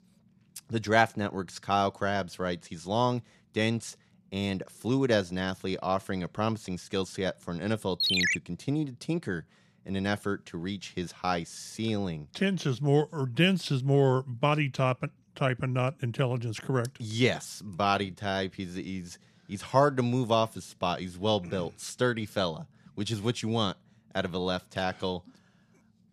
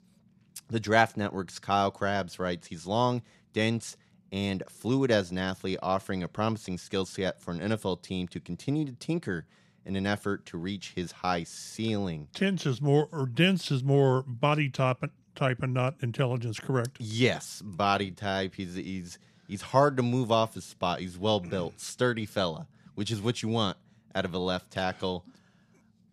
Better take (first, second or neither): second